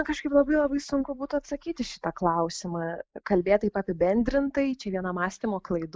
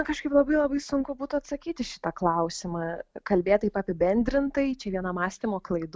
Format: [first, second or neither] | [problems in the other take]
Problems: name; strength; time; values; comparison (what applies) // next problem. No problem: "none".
second | noise reduction (neural mask model Resemble Enhance denoiser)